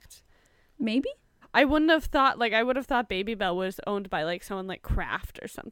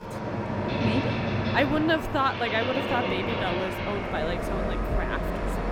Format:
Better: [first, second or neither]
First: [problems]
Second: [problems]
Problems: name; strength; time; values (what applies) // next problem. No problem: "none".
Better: first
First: none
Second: train or aircraft noise; loud; throughout; as loud as the speech